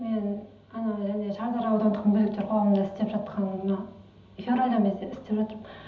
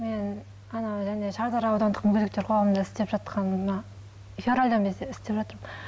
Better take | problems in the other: second | room echo; dies away in 1.2 s

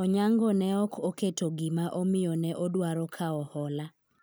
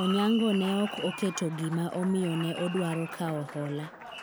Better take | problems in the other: first | background sound (Applause); 11 dB below the speech

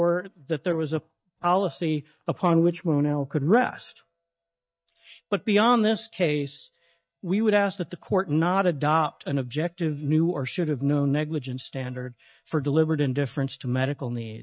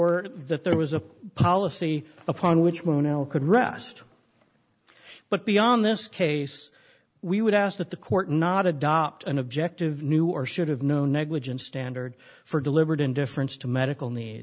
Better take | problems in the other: second | noise reduction (neural mask model DeepFilterNet 3)

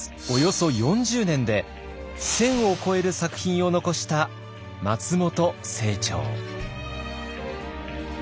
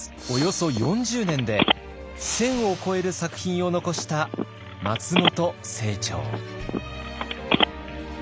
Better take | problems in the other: first | background sound (Telephone); 2 dB below the speech

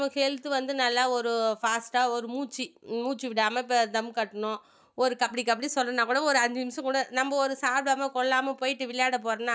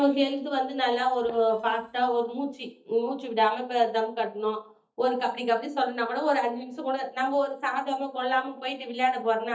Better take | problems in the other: first | noise reduction (neural mask model DeepFilterNet 3)

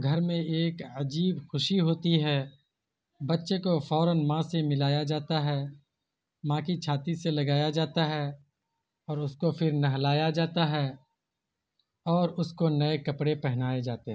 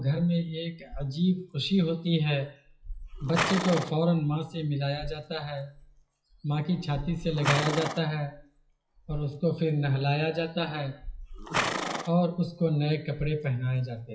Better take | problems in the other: first | noise reduction (classical method WPE with log-MMSE)

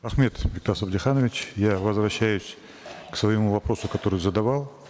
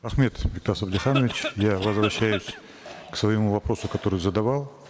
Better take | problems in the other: first | background sound (Cough); 7 dB below the speech

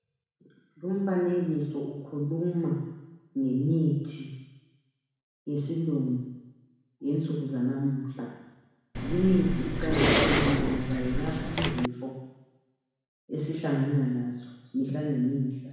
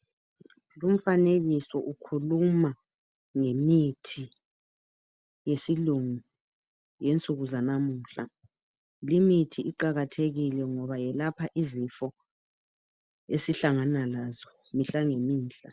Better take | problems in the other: second | background sound (Respiratory sounds); 2 dB above the speech // room echo; dies away in 1.1 s

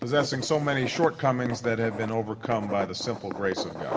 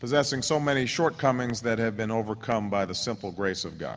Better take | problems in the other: second | background sound (Writing); 9 dB below the speech // room echo; dies away in 1 s

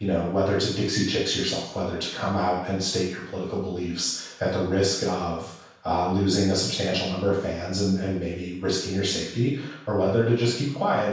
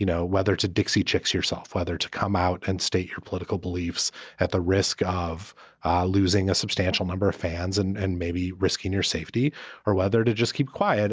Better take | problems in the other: second | room echo; dies away in 0.7 s

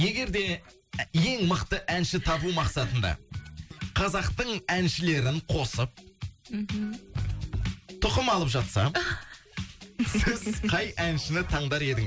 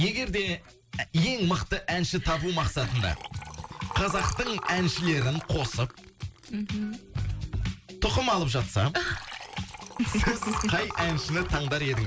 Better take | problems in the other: first | background sound (Liquid); 12 dB below the speech

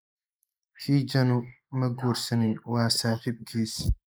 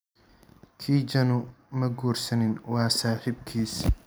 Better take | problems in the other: second | noise reduction (neural mask model Resemble Enhance denoiser)

